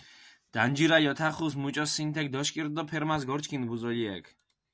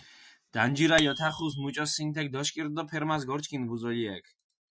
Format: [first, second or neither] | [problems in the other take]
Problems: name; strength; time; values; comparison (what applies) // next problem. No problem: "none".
first | noise reduction (classical method Wiener filter)